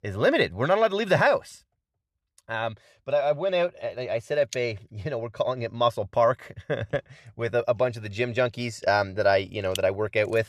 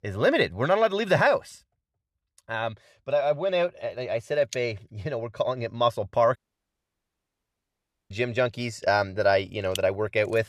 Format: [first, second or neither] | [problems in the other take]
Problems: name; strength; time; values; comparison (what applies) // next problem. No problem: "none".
first | audio cutting out; at 6.5 s for 1.5 s